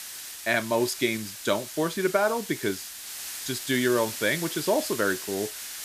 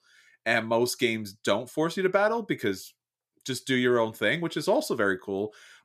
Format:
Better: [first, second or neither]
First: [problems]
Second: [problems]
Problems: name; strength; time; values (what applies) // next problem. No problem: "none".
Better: second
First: hiss; loud; throughout; 8 dB below the speech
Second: none